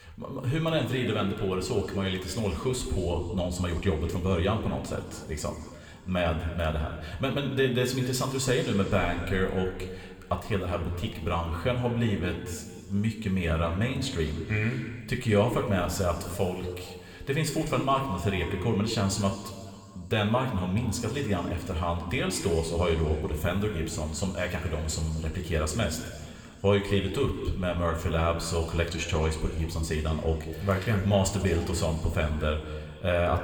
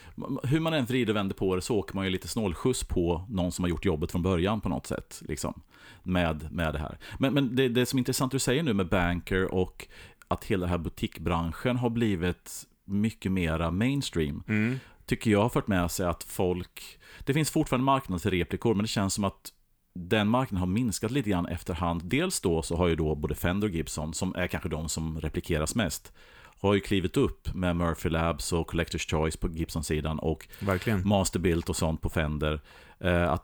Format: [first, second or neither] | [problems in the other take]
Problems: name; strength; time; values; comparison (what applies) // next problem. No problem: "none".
second | room echo; slight; dies away in 2 s